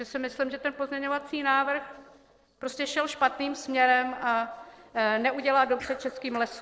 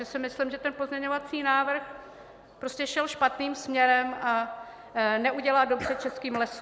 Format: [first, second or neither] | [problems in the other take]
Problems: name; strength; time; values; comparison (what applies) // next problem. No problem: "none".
second | noise reduction (neural separator model SepFormer DNS4)